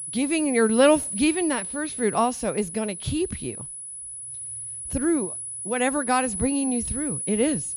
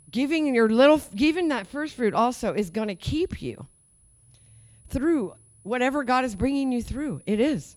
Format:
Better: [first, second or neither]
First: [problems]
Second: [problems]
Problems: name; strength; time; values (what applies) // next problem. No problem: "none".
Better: second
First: high-pitched whine; loud; throughout; 10 kHz, 6 dB below the speech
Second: high-pitched whine; faint; throughout; 10 kHz, 30 dB below the speech